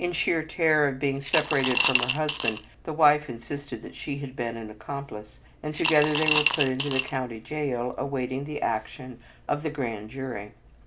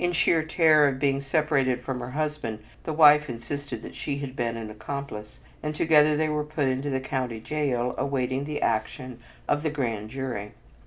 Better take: second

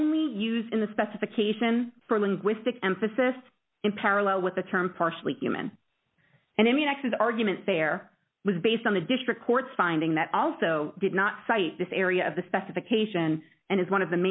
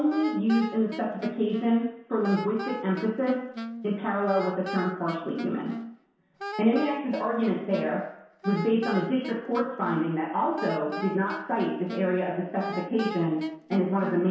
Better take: first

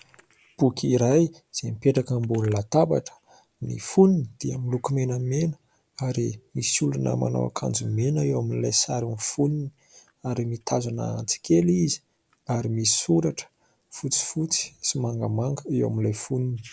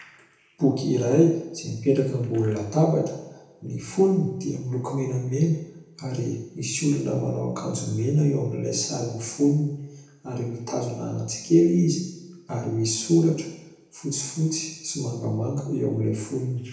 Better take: first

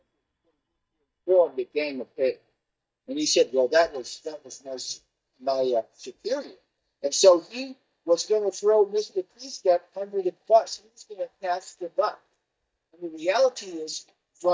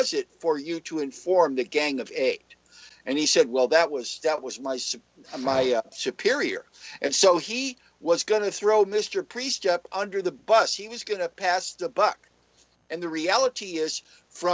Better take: second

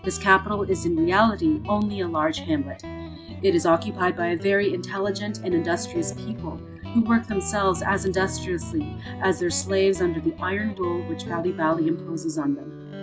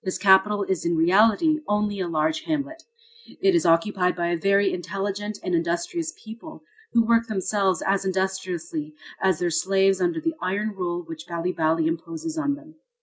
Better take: second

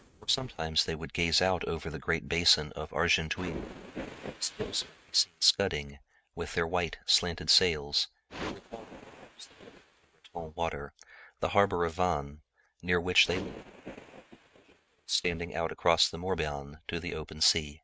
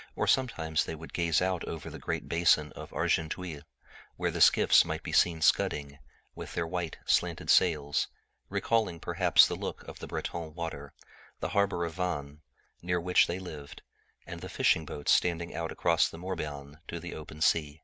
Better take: second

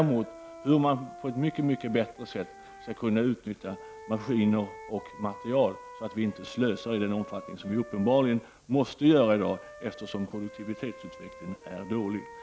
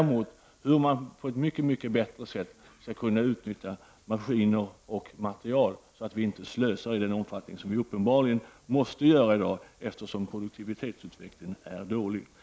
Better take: second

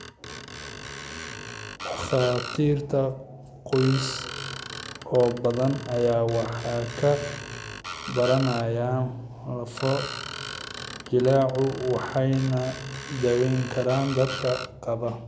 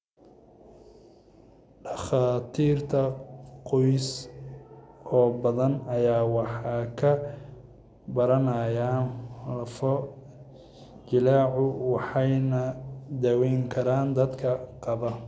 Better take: second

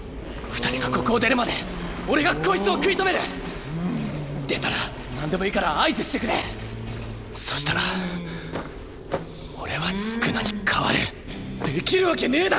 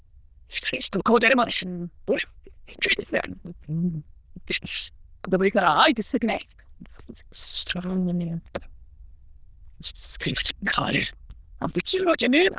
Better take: first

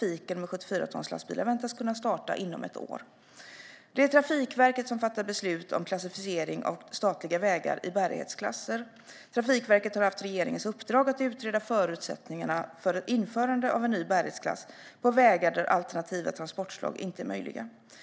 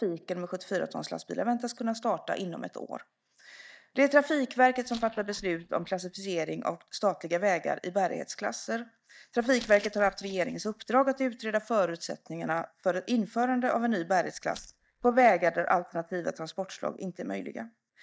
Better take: first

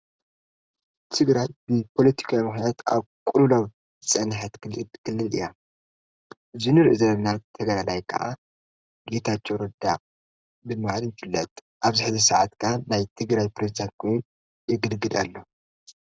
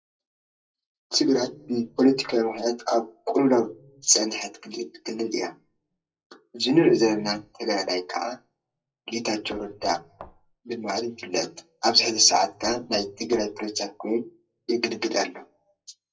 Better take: first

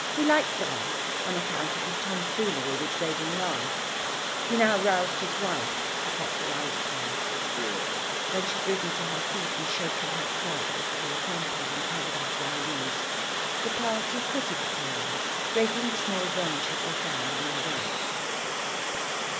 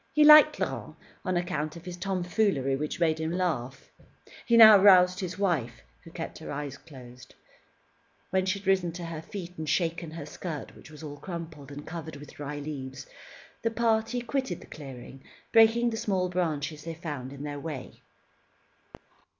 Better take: second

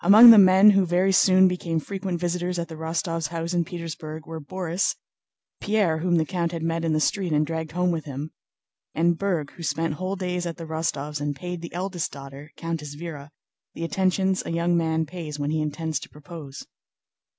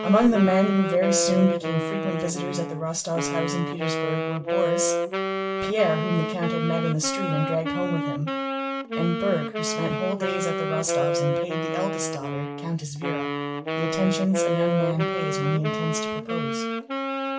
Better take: first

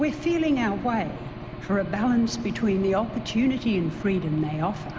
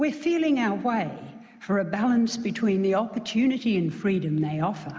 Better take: second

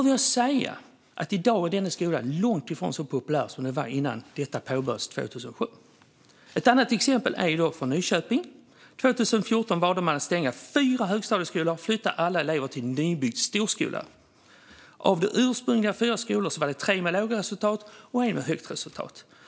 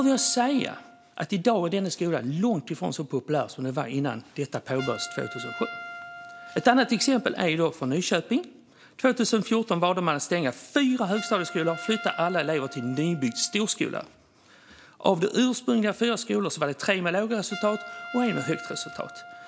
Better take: first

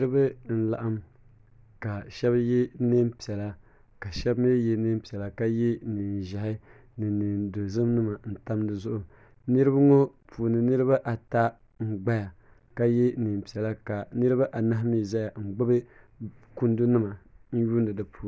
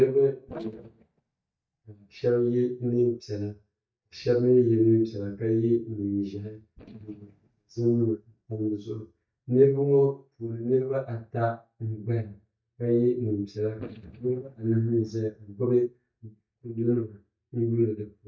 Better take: first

